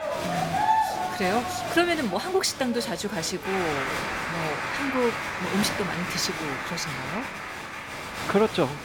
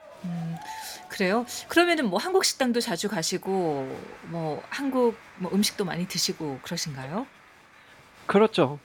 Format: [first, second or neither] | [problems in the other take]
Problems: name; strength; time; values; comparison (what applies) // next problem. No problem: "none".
second | crowd noise; loud; throughout; 2 dB below the speech; faint in the second